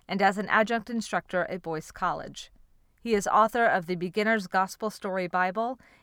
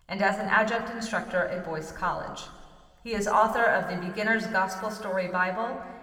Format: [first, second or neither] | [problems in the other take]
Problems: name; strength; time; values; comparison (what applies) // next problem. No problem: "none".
first | room echo; slight; dies away in 1.5 s